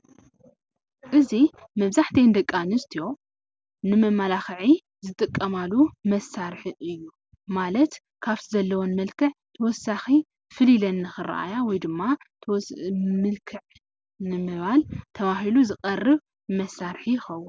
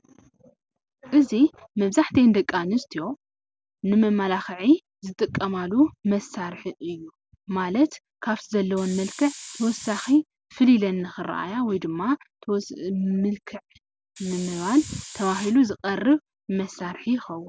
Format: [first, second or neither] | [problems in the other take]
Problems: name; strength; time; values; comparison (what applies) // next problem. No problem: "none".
first | background sound (Hiss); 15 dB below the speech